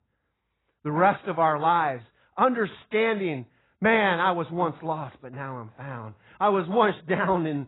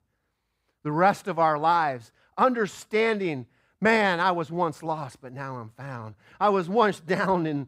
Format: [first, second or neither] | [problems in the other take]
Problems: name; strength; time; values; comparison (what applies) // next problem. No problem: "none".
second | garbled, watery; badly; nothing above 4 kHz